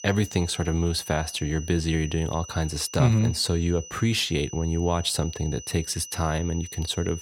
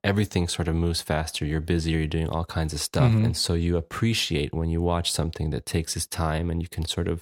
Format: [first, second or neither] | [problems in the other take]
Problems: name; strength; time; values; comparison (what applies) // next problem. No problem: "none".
second | high-pitched whine; noticeable; throughout; 6 kHz, 15 dB below the speech